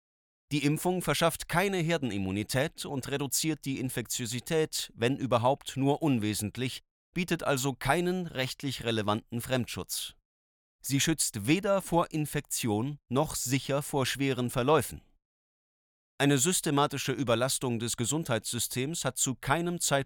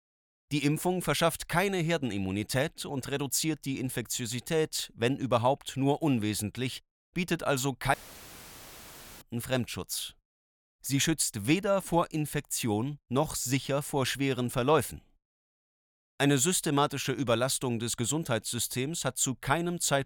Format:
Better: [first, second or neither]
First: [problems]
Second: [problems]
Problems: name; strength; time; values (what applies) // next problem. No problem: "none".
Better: first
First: none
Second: audio cutting out; filled with static; at 8 s for 1.5 s